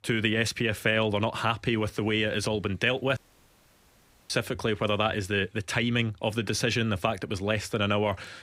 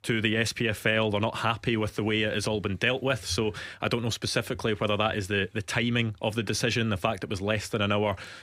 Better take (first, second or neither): second